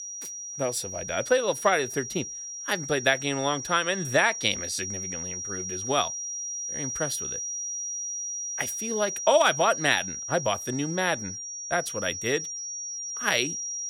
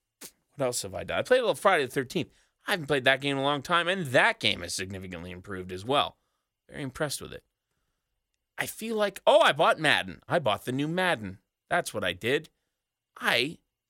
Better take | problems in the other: second | high-pitched whine; loud; throughout; 5.5 kHz, 5 dB below the speech

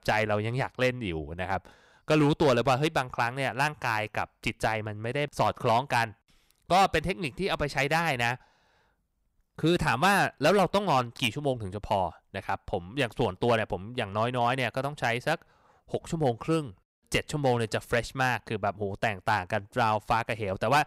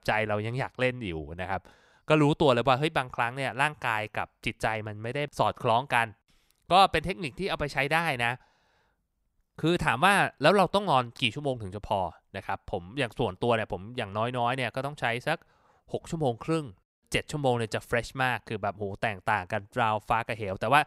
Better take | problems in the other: second | distortion; slight; 3% of the sound clipped

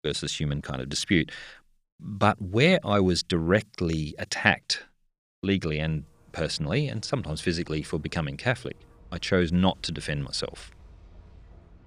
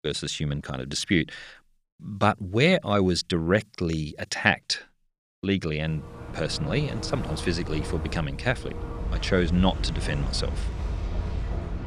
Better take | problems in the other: first | wind in the background; loud; from 6 s on; 7 dB below the speech; faint in the first

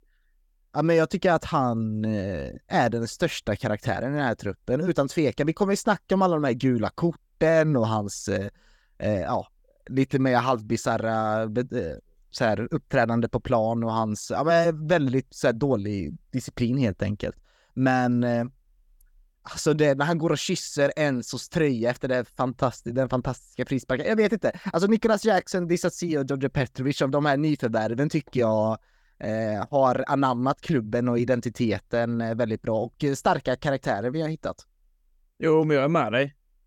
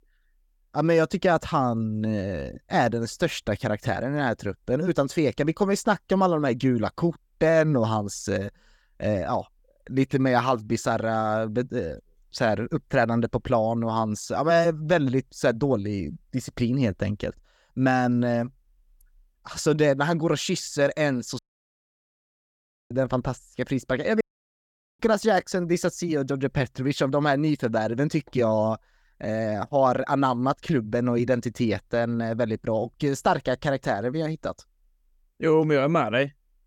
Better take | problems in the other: first | audio cutting out; at 21 s for 1.5 s and at 24 s for 1 s

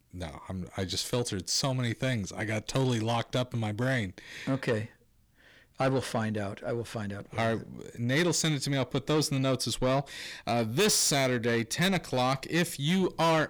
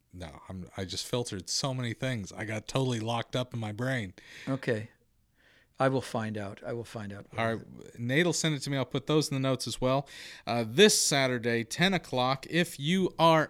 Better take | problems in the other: second | distortion; heavy; 8 dB below the speech

